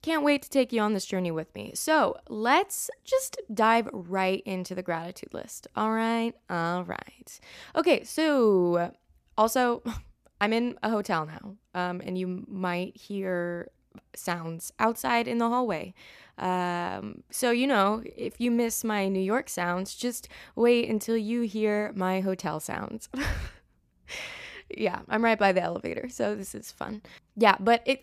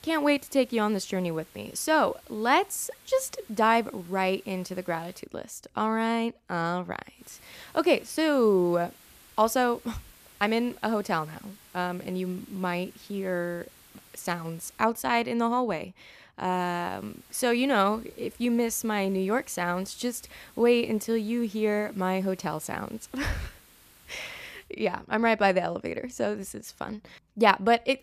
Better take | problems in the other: first | hiss; faint; until 5 s, from 7 to 15 s and from 17 to 25 s; 25 dB below the speech

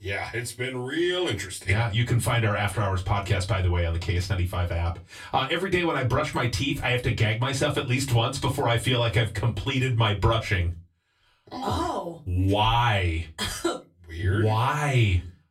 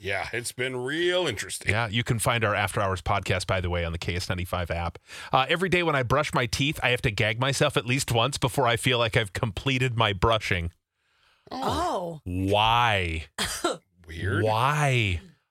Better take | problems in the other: second | off-mic speech; far // room echo; very slight; dies away in 0.2 s

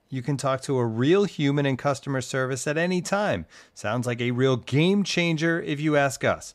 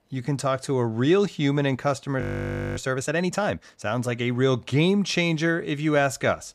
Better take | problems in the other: first | audio freezing; at 2 s for 0.5 s

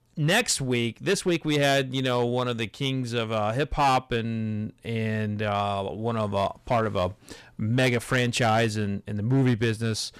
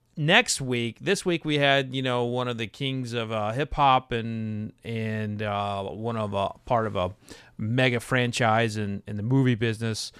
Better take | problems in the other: second | distortion; slight; 5% of the sound clipped

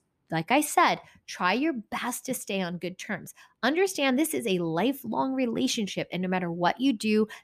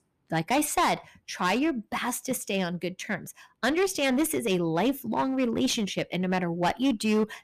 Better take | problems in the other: first | distortion; slight; 9% of the sound clipped

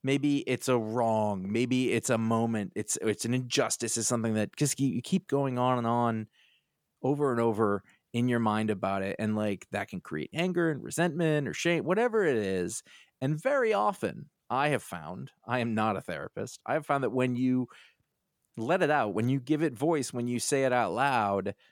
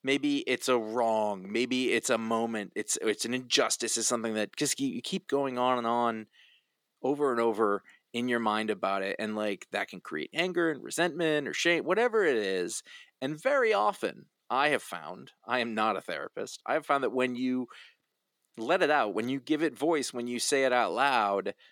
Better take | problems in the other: first | thin; very slightly; fading below 300 Hz

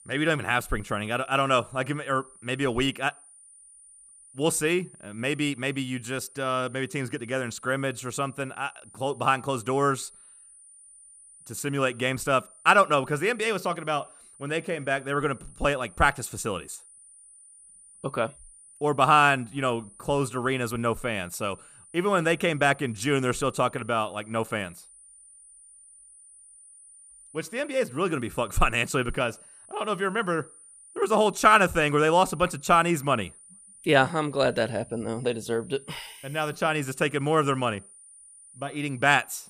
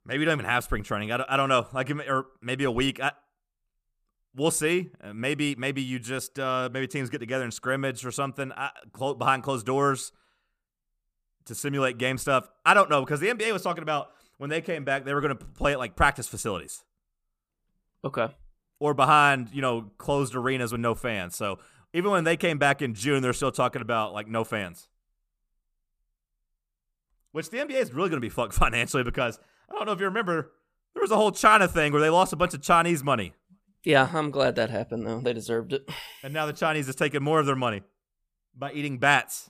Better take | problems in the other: second | high-pitched whine; faint; throughout; 9.5 kHz, 25 dB below the speech

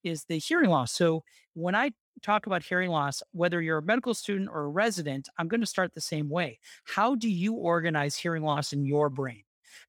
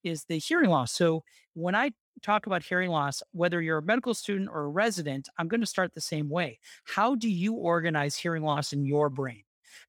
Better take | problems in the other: neither | none

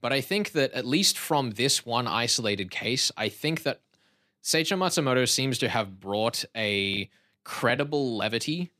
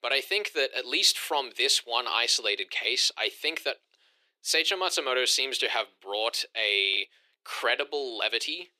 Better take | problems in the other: first | thin; very; fading below 350 Hz

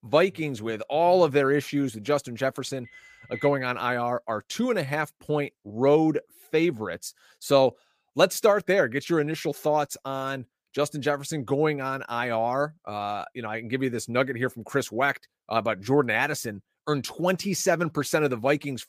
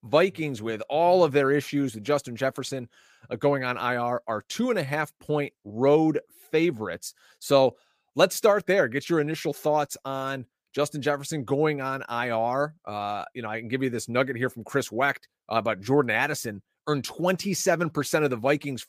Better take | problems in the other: second | phone ringing; faint; at 3 s; peak 15 dB below the speech

